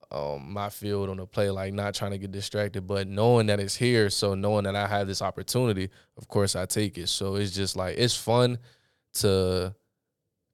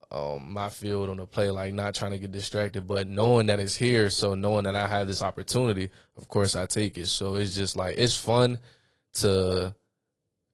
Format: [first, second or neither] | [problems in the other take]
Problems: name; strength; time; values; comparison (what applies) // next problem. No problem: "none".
first | garbled, watery; slightly